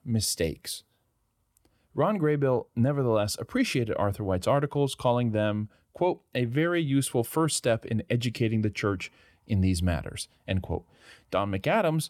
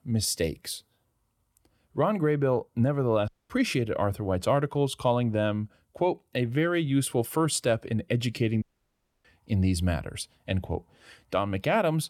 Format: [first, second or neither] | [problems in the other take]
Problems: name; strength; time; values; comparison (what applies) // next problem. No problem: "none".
first | audio cutting out; at 3.5 s and at 8.5 s for 0.5 s